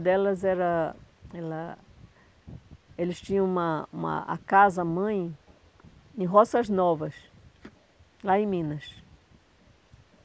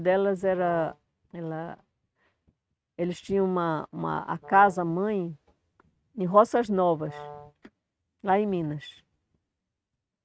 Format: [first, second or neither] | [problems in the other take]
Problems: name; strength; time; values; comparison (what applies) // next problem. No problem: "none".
first | noise reduction (neural mask model RNNoise)